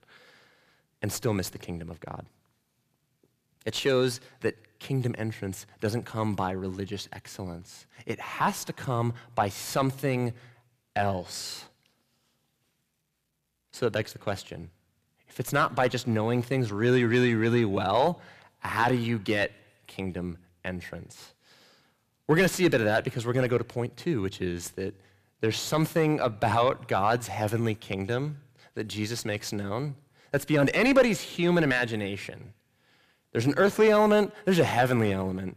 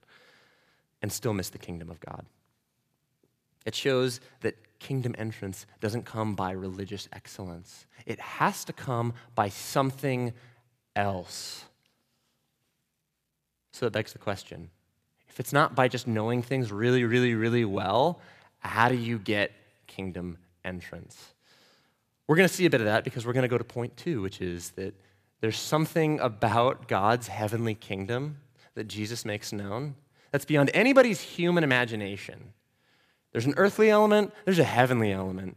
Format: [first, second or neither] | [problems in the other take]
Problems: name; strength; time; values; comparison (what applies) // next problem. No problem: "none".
second | distortion; slight; 10 dB below the speech